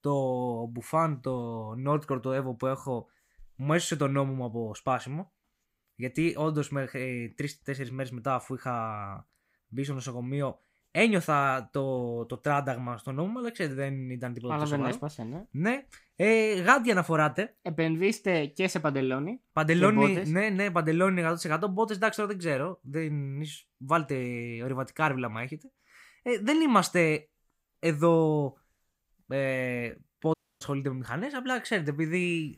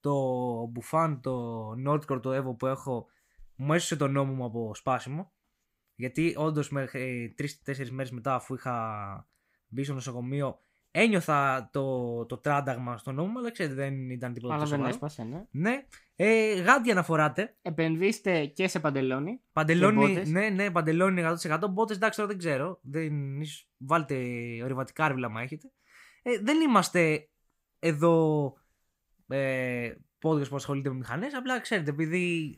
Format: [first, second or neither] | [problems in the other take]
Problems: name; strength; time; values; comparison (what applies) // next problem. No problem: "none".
second | audio cutting out; at 30 s